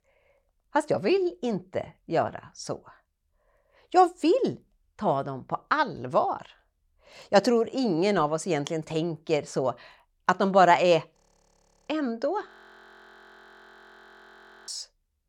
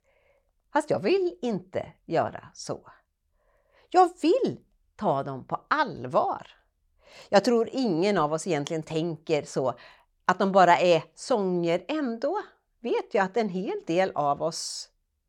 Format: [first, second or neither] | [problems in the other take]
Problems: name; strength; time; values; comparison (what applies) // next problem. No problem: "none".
second | audio freezing; at 11 s for 0.5 s and at 12 s for 2 s